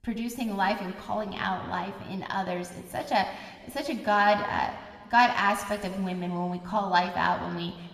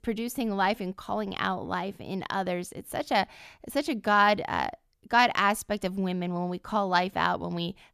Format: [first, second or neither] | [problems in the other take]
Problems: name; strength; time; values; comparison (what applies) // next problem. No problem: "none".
second | room echo; slight; dies away in 1.9 s